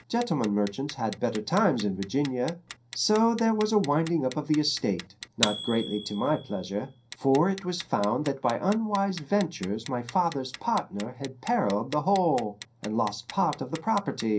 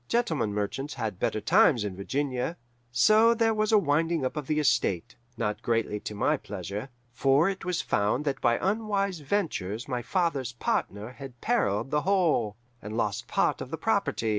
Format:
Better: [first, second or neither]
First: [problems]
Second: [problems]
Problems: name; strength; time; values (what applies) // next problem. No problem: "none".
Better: second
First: background sound (Clock); 15 dB below the speech // room echo; dies away in 0.3 s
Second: none